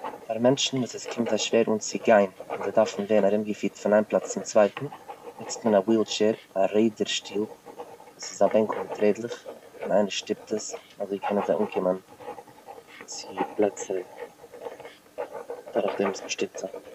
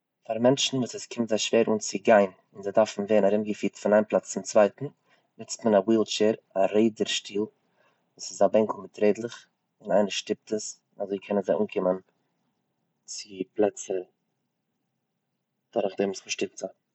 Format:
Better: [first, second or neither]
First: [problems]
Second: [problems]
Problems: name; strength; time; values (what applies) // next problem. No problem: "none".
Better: second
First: background sound (Writing); 12 dB below the speech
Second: none